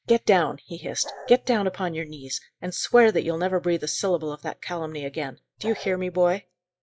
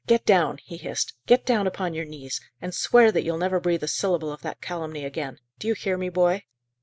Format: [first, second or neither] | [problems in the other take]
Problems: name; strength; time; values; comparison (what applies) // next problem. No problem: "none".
second | noise reduction (classical method log-MMSE)